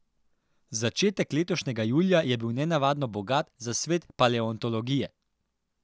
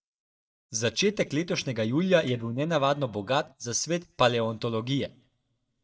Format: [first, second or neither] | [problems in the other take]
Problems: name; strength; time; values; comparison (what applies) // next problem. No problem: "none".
first | noise reduction (neural mask model DeepFilterNet 3)